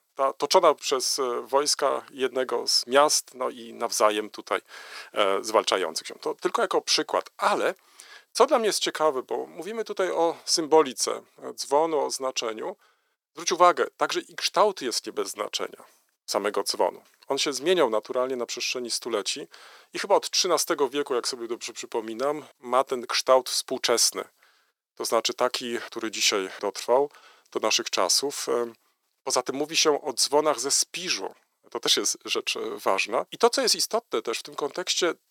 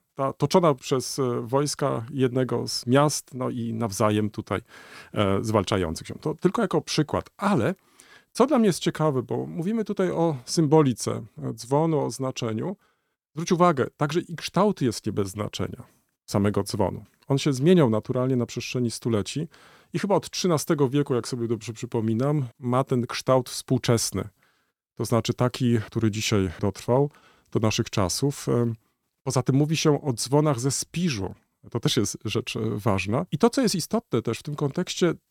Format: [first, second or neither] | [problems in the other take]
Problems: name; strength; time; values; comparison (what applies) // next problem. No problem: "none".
second | thin; very; fading below 450 Hz